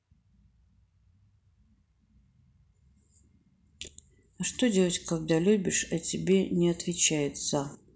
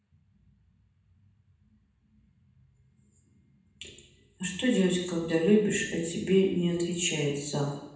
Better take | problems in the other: first | room echo; dies away in 0.9 s

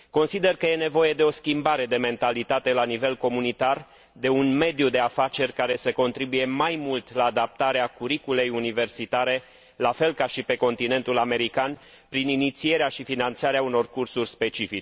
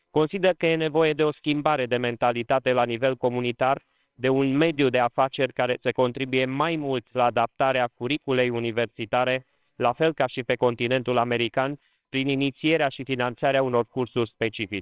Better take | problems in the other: first | noise reduction (neural separator model SepFormer WHAMR!)

